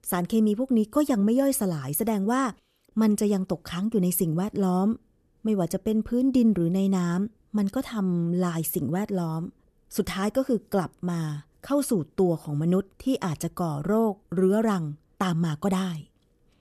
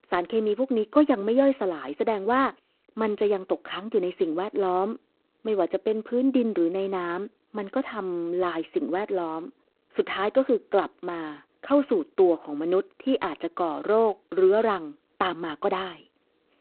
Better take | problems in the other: first | phone-call audio; poor line

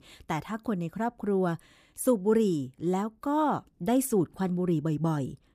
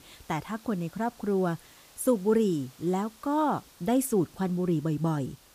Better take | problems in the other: first | hiss; faint; throughout; 25 dB below the speech

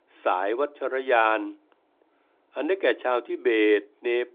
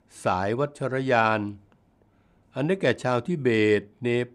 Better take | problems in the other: second | phone-call audio

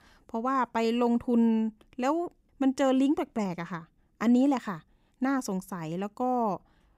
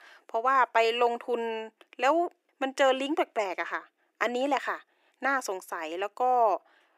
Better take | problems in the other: first | thin; very; fading below 350 Hz

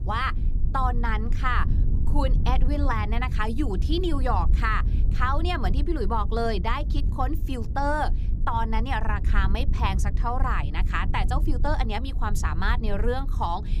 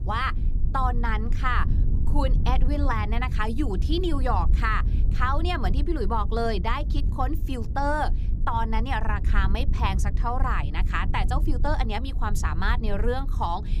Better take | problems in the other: neither | wind noise on the microphone; occasional gusts; 15 dB below the speech; the same in both

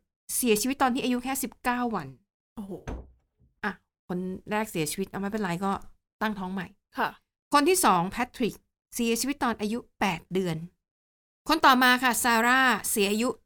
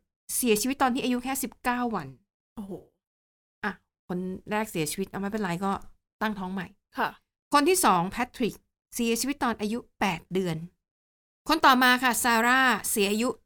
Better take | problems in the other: second | door banging; faint; at 3 s; peak 15 dB below the speech

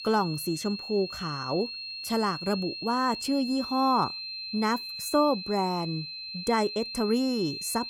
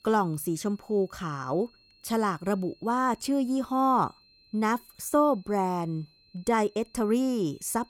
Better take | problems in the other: second | high-pitched whine; loud; throughout; 4 kHz, 7 dB below the speech; faint in the second

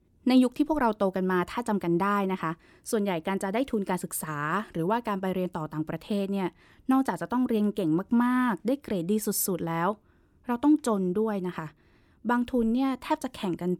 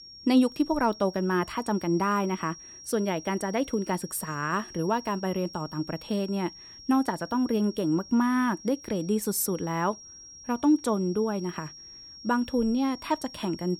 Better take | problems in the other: first | high-pitched whine; noticeable; throughout; 5.5 kHz, 15 dB below the speech

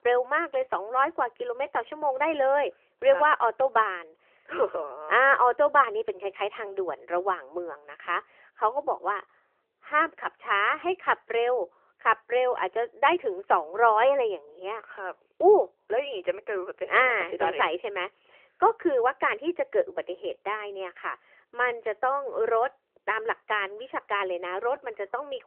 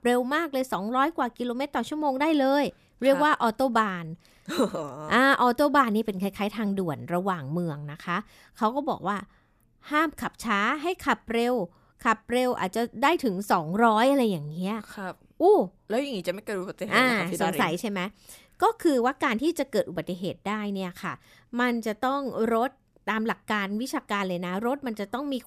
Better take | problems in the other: second | phone-call audio; nothing above 3 kHz

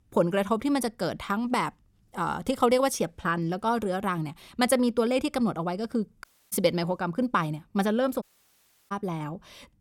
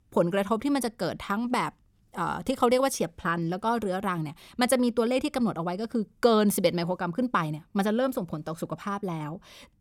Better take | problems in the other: second | audio cutting out; at 6 s and at 8 s for 0.5 s

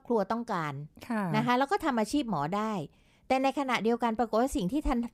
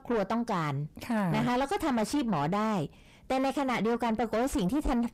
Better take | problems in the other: first | distortion; heavy; 7 dB below the speech

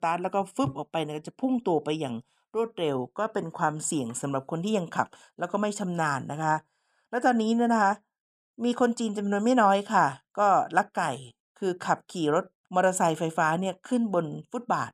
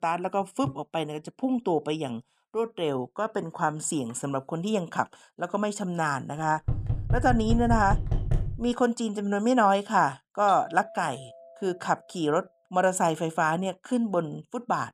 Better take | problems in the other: first | door banging; noticeable; from 6.5 to 8.5 s; peak 2 dB below the speech // doorbell; faint; from 10 to 12 s; peak 15 dB below the speech

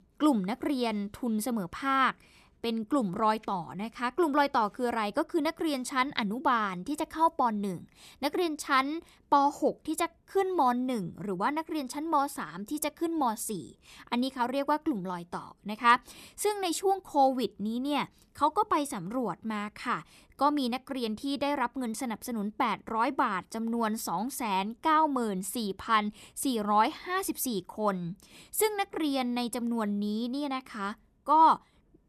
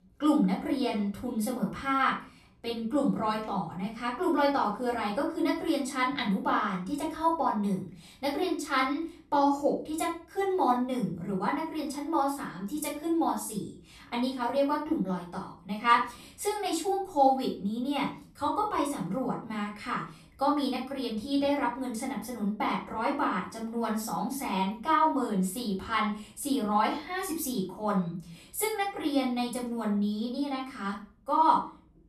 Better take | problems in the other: first | off-mic speech; far // room echo; slight; dies away in 0.3 s

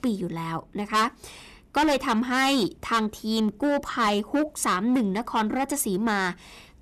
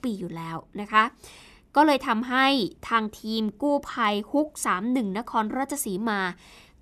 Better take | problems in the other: second | distortion; heavy; 9% of the sound clipped

